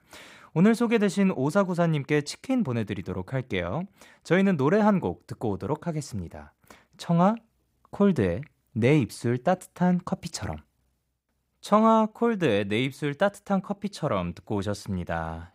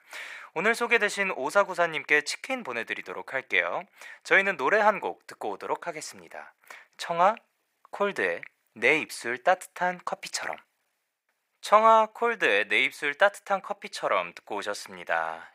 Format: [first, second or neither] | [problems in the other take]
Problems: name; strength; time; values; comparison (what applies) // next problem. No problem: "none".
first | thin; very; fading below 700 Hz